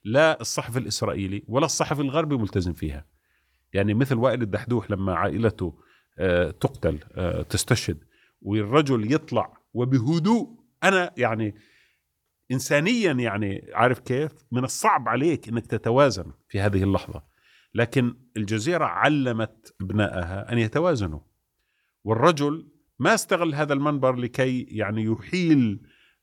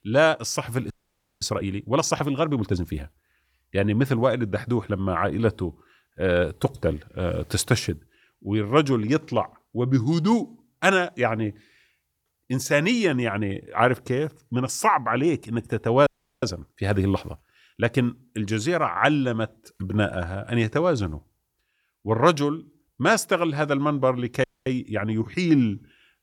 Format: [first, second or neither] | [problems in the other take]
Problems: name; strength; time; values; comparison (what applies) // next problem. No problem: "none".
first | audio freezing; at 1 s for 0.5 s, at 16 s and at 24 s